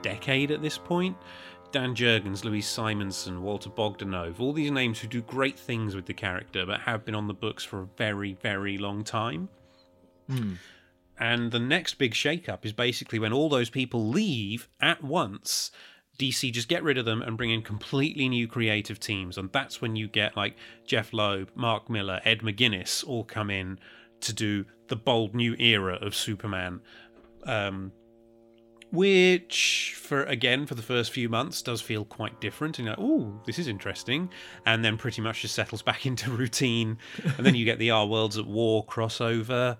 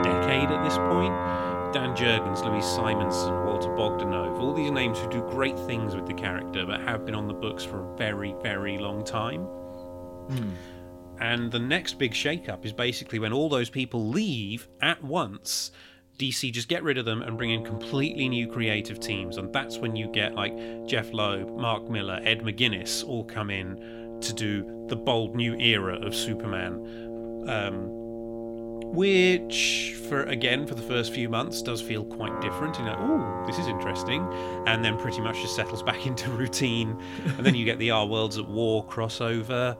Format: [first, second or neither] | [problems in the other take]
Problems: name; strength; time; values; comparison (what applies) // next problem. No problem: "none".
first | background music; loud; throughout; 6 dB below the speech; faint in the first